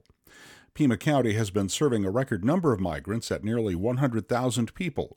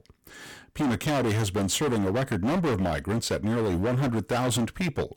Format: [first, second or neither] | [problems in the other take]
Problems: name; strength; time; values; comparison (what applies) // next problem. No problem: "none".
first | distortion; heavy; 29% of the sound clipped